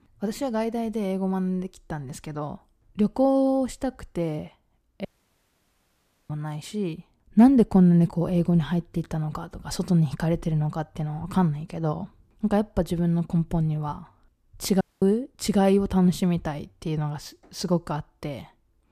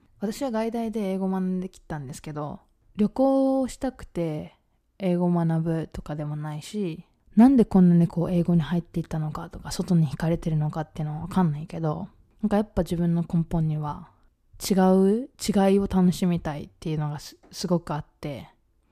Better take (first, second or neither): second